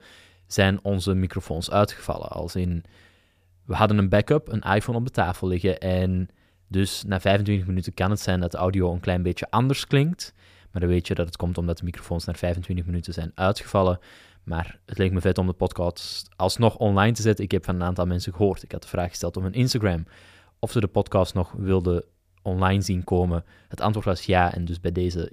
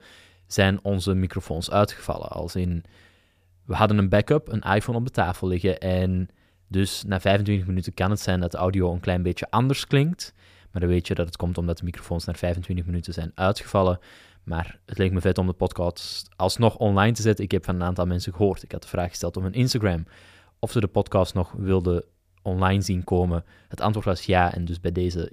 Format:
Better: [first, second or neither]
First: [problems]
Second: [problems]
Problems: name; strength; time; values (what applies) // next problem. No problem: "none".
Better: neither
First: none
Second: none